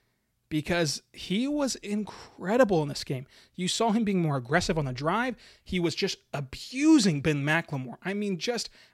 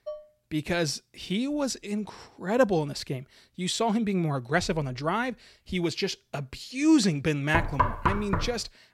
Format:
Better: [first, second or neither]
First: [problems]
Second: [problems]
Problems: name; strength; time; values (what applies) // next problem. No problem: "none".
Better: first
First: none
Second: clattering dishes; faint; at the start; peak 15 dB below the speech // door banging; loud; at 7.5 s; peak 2 dB above the speech